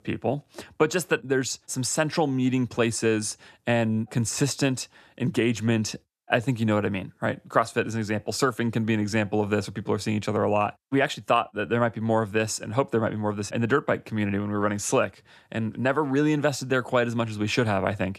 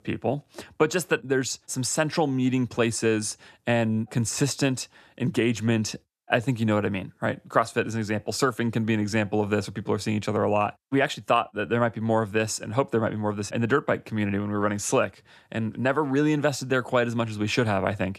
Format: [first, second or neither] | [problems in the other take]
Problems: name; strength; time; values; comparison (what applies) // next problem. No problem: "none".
neither | none